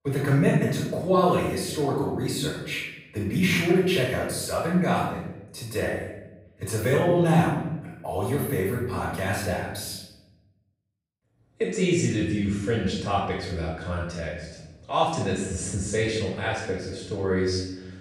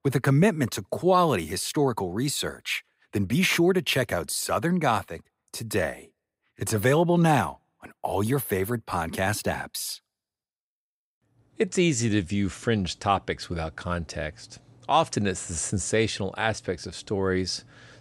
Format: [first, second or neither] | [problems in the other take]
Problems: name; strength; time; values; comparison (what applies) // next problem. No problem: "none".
second | room echo; noticeable; dies away in 0.9 s // off-mic speech; far